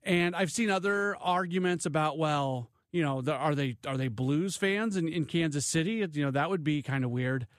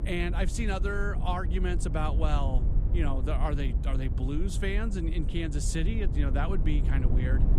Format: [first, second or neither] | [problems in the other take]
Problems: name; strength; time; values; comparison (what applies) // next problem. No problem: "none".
first | low rumble; loud; throughout; 10 dB below the speech